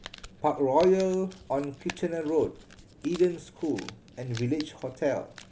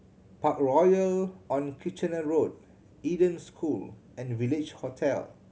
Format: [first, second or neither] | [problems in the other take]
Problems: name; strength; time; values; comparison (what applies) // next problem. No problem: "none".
second | background sound (Crumpling, crinkling); 19 dB below the speech